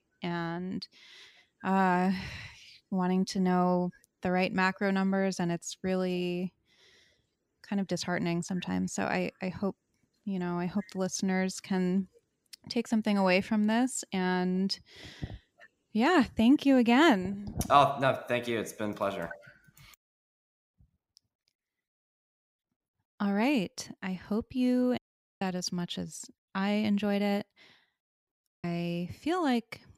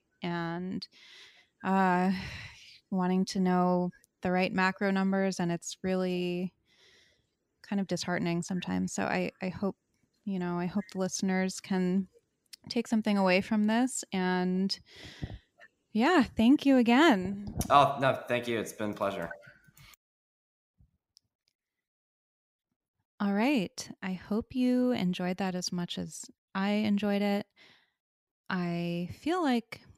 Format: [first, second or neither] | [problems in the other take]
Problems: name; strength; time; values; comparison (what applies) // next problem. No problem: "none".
second | audio cutting out; at 25 s and at 28 s